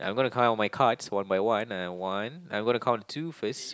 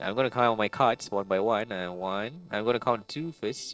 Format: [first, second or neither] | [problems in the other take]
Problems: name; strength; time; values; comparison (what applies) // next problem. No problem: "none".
first | noise reduction (neural separator model SepFormer DNS4)